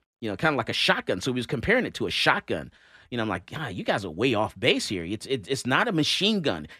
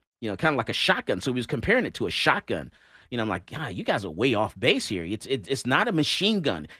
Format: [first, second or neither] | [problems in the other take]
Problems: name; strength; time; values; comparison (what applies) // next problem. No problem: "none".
first | garbled, watery; slightly; nothing above 14.5 kHz